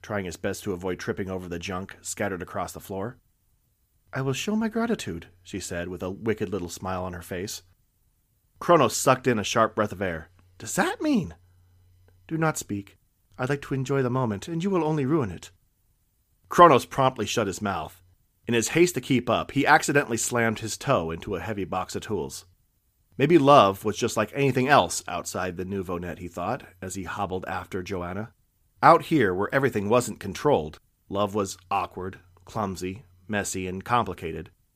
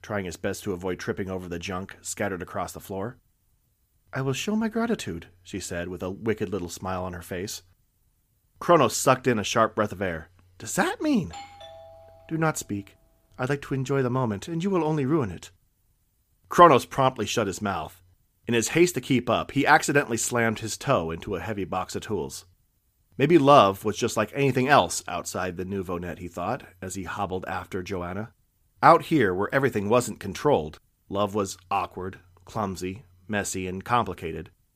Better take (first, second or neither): first